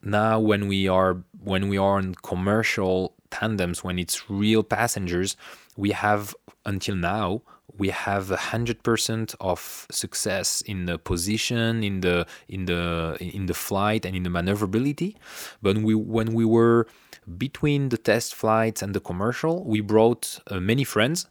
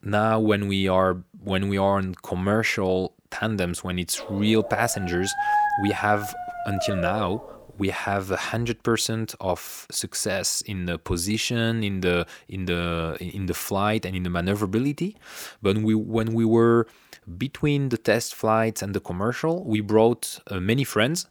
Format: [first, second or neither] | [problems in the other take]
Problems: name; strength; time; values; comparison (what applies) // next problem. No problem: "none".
first | dog barking; loud; from 4 to 7.5 s; peak 3 dB above the speech